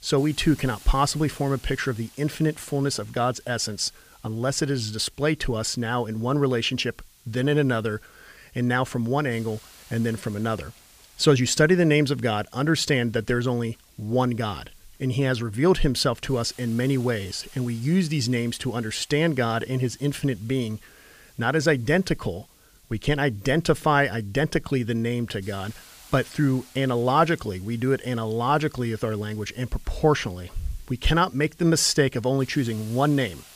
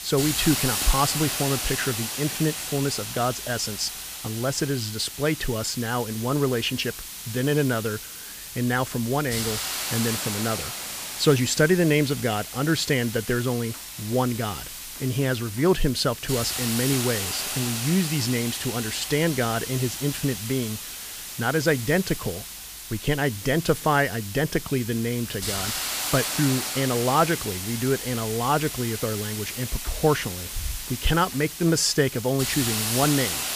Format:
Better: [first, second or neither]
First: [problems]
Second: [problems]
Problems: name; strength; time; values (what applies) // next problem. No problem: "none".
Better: first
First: hiss; faint; throughout; 25 dB below the speech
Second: hiss; loud; throughout; 5 dB below the speech